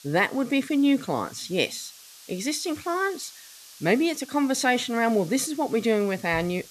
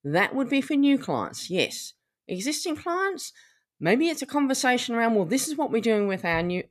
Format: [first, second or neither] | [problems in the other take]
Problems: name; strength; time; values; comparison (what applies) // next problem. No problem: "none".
second | hiss; faint; throughout; 20 dB below the speech